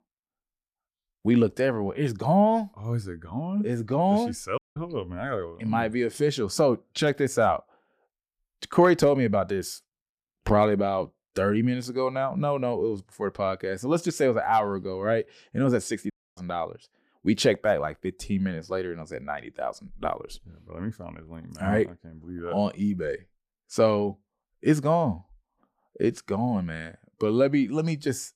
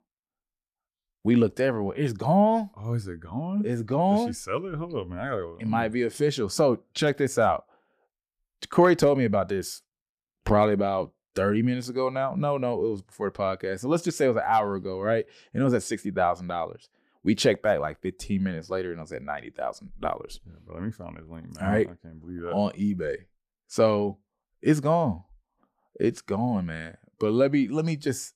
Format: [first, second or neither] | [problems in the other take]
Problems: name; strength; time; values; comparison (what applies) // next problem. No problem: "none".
second | audio cutting out; at 4.5 s and at 16 s